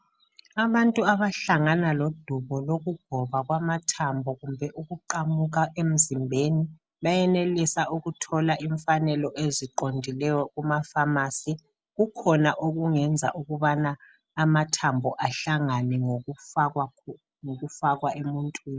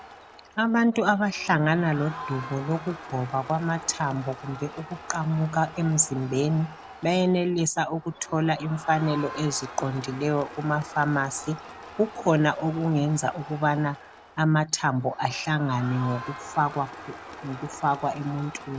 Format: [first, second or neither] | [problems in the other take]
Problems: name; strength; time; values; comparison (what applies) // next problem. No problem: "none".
first | background sound (Crowd); 15 dB below the speech